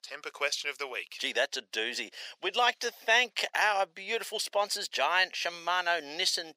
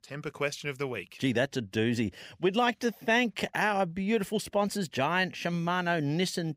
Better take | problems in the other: second | thin; very; fading below 550 Hz

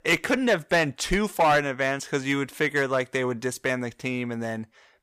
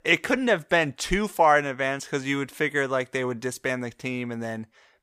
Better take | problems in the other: second | distortion; slight; 3% of the sound clipped

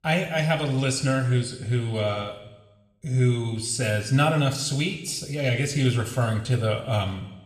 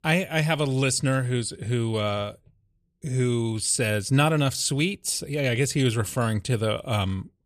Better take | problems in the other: second | room echo; slight; dies away in 1 s

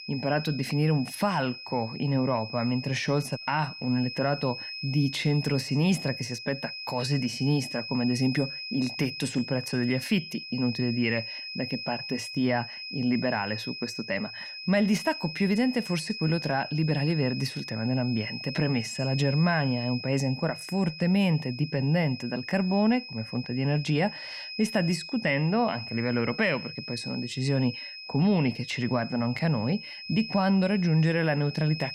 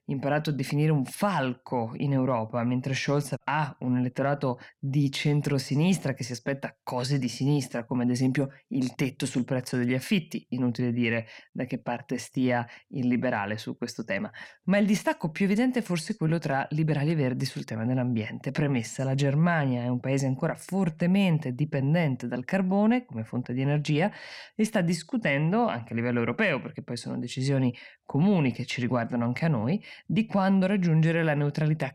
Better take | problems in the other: second | high-pitched whine; loud; throughout; 5 kHz, 9 dB below the speech

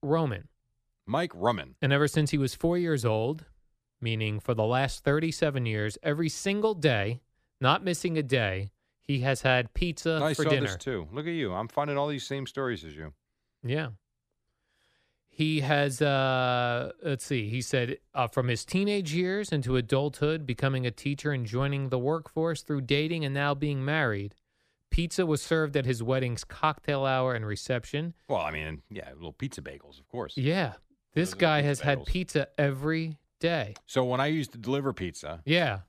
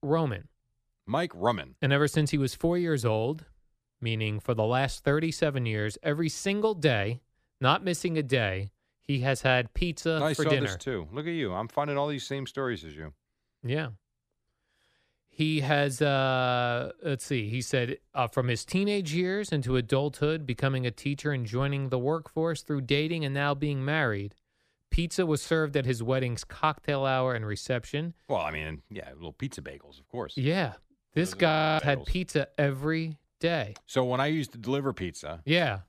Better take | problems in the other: first | audio freezing; at 32 s

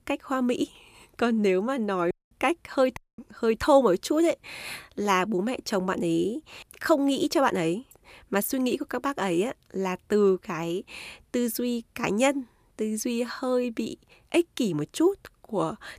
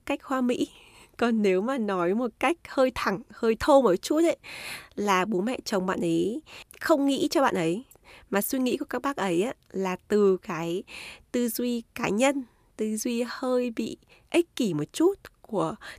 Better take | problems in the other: second | audio cutting out; at 2 s and at 3 s

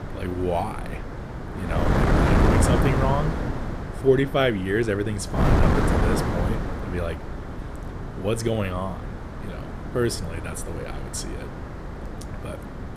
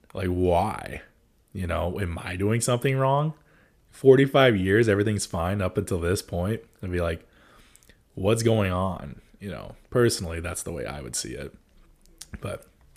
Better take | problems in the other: second | wind noise on the microphone; heavy; 2 dB below the speech

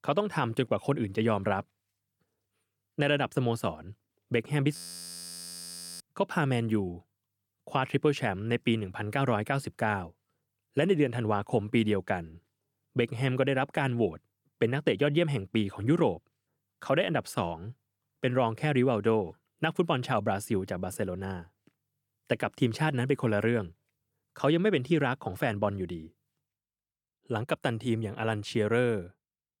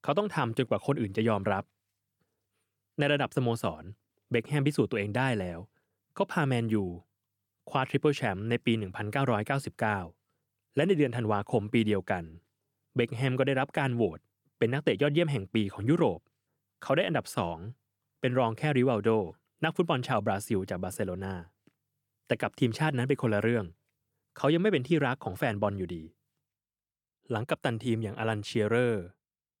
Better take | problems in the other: second | audio freezing; at 5 s for 1.5 s

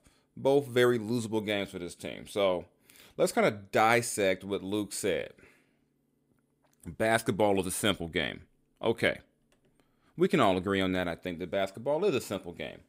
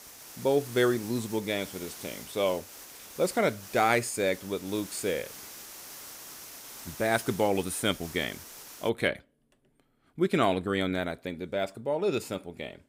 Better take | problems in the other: first | hiss; noticeable; until 9 s; 15 dB below the speech

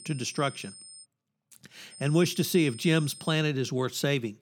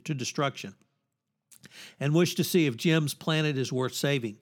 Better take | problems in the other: second | high-pitched whine; noticeable; until 1 s and from 2 to 3.5 s; 8.5 kHz, 20 dB below the speech

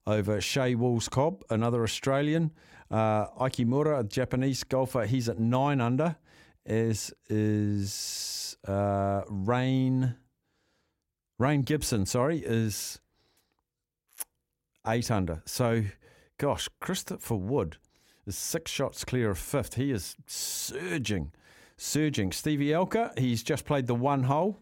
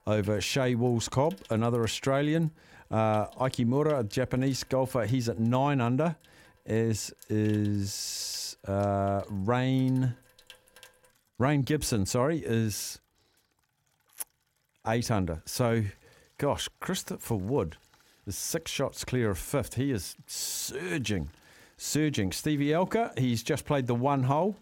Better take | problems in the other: first | household noises; faint; throughout; 30 dB below the speech

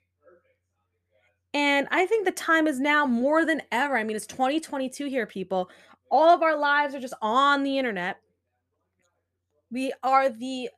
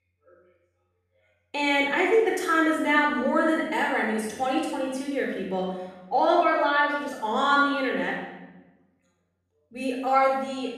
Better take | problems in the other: first | room echo; noticeable; dies away in 0.9 s // off-mic speech; far

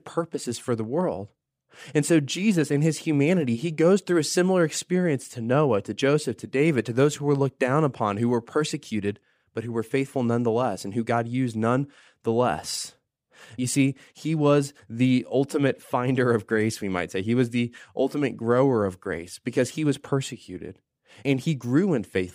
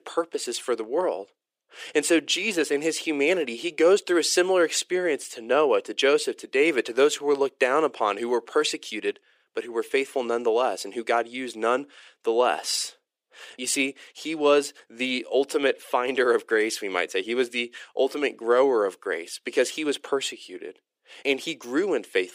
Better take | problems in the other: first | thin; somewhat; fading below 350 Hz

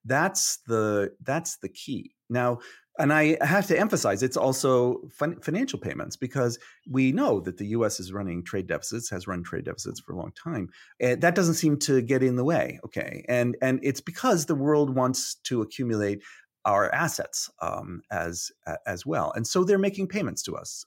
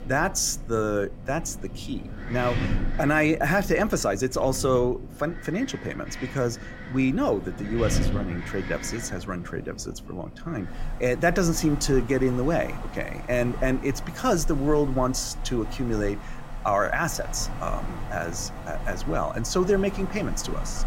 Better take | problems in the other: first | wind in the background; loud; throughout; 10 dB below the speech

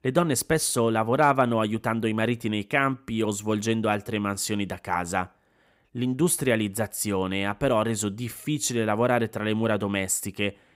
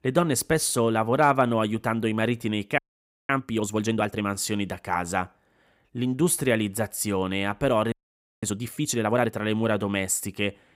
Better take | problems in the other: first | audio freezing; at 3 s for 0.5 s and at 8 s for 0.5 s

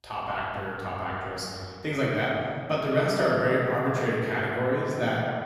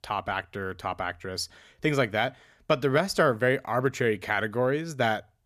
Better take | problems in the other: second | room echo; strong; dies away in 2.3 s // off-mic speech; far

